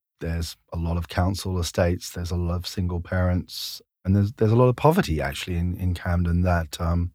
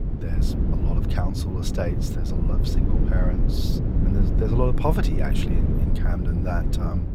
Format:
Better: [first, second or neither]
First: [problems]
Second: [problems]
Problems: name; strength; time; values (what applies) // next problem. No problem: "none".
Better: first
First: none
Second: wind noise on the microphone; heavy; 2 dB below the speech